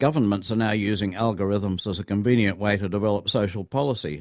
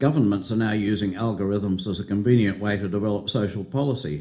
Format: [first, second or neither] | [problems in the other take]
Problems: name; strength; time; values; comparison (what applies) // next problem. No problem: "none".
first | room echo; dies away in 0.4 s